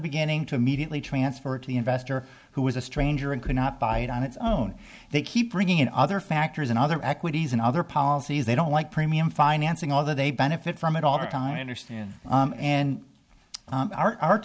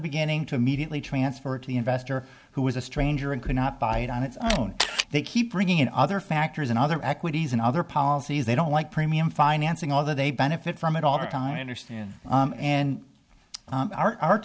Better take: first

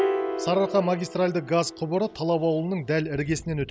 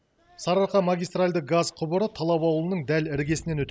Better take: second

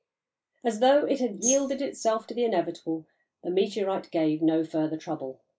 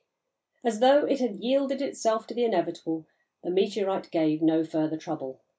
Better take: second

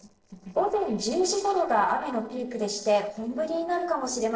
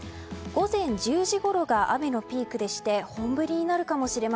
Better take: second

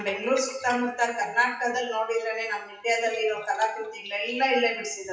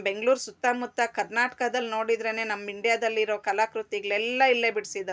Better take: second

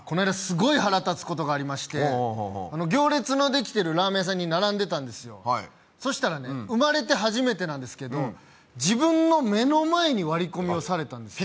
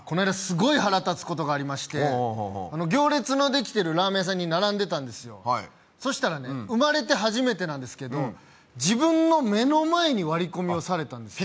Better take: second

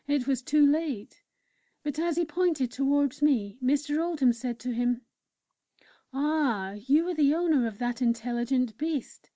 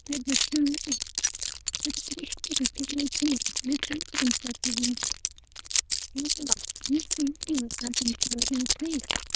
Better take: first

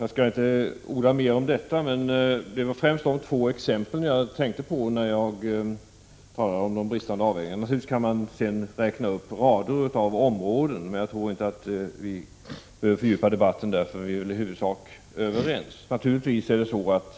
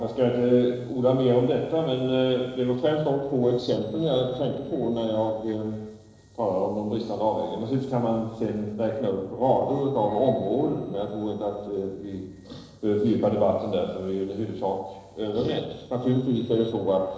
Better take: first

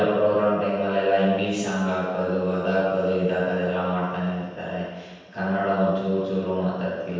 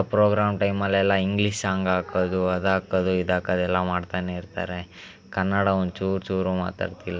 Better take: second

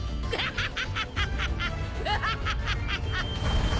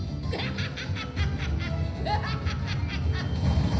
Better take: first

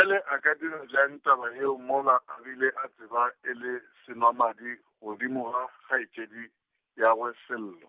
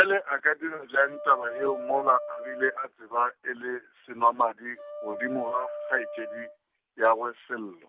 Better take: first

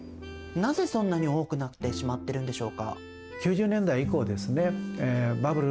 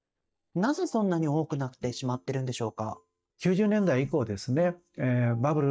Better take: first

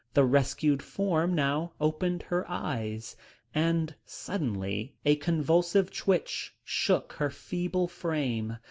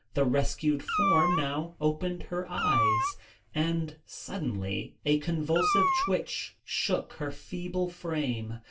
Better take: first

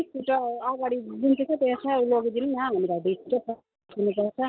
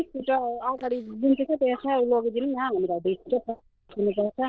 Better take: first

